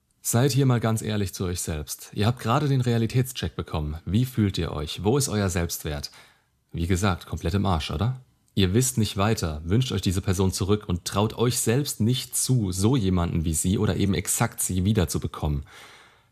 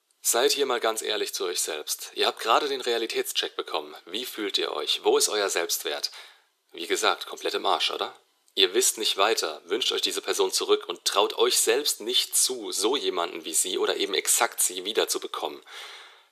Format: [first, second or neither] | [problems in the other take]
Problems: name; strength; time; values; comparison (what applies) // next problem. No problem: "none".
first | thin; very; fading below 350 Hz